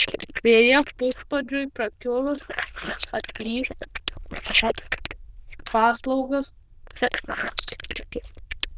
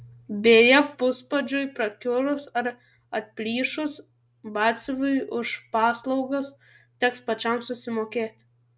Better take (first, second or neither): second